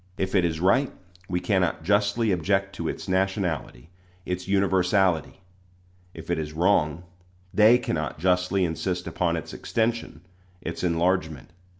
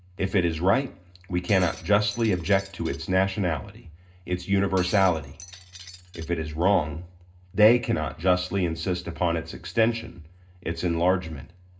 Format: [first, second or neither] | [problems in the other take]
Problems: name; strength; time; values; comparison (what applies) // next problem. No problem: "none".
first | background sound (Shatter); 18 dB below the speech // room echo; dies away in 0.2 s